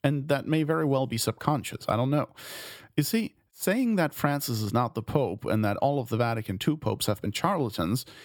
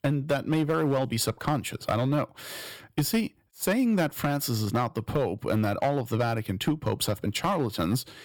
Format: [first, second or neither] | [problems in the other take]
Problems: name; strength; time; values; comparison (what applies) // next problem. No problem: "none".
first | distortion; slight; 4% of the sound clipped